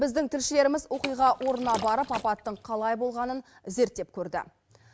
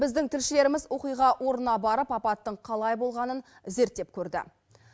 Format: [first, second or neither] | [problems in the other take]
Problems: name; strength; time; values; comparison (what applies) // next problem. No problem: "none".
second | background sound (Liquid); 14 dB below the speech